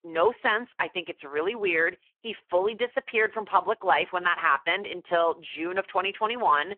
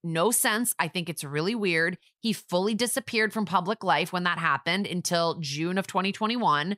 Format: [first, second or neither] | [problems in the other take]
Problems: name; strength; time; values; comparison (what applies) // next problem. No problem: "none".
second | phone-call audio; poor line